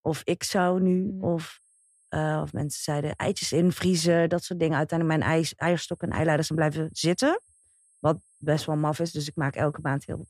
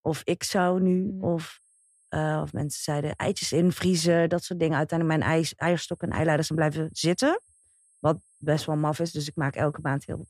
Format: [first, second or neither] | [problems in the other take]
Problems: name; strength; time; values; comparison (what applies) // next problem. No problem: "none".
neither | high-pitched whine; faint; from 1.5 to 4 s and from 6 s on; 8.5 kHz, 35 dB below the speech; the same in both